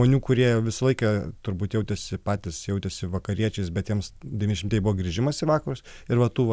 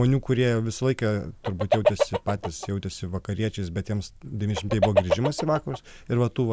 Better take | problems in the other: first | background sound (Chicken, rooster); 2 dB below the speech

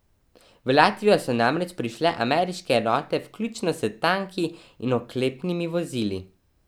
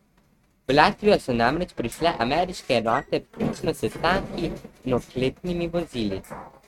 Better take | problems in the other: first | noise reduction (neural mask model RNNoise)

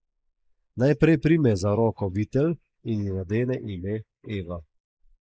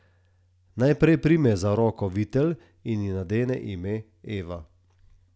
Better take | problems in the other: second | noise reduction (neural mask model Resemble Enhance denoiser)

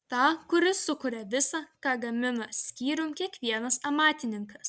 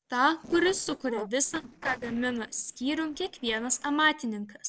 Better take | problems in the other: first | noise reduction (neural separator model SepFormer DNS4)

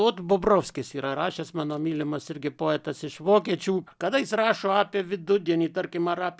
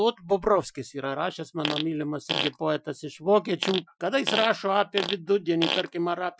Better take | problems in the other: first | noise reduction (classical method Wiener filter)

